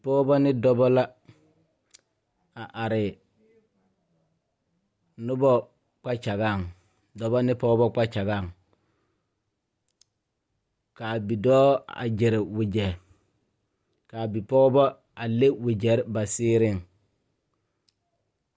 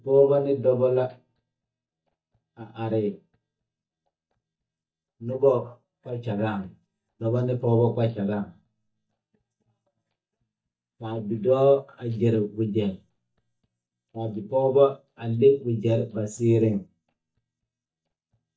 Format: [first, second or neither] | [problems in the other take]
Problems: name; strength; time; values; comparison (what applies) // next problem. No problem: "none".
first | noise reduction (neural mask model DeepFilterNet 3)